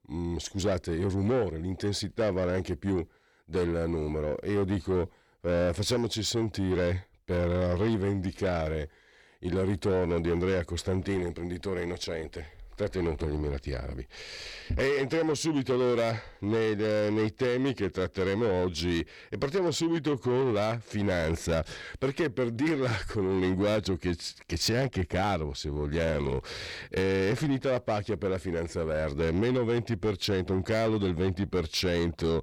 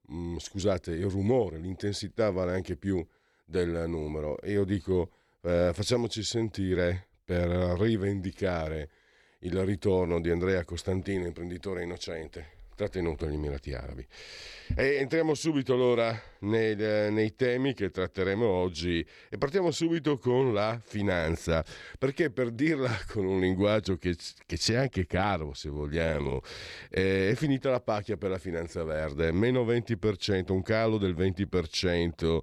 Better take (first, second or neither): second